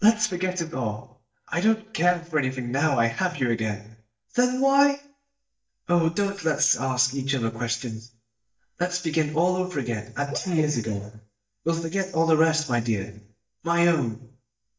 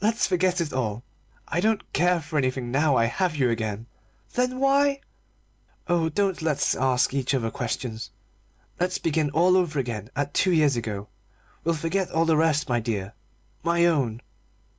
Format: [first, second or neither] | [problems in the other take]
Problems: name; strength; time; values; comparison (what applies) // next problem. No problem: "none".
second | noise reduction (neural mask model DeepFilterNet 3)